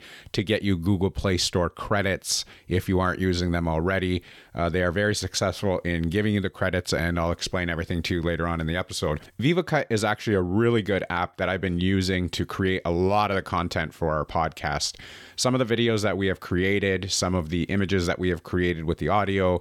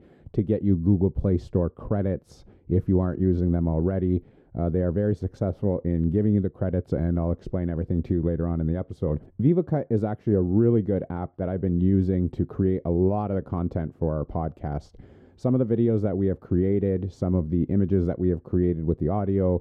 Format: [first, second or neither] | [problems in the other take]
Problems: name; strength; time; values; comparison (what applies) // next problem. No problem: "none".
first | muffled; very; fading above 1 kHz